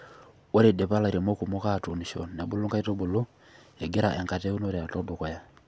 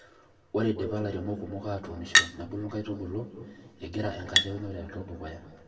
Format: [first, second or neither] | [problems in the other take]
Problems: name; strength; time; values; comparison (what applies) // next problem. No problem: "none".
first | background sound (Chink, clink); 1 dB above the speech // room echo; dies away in 1.8 s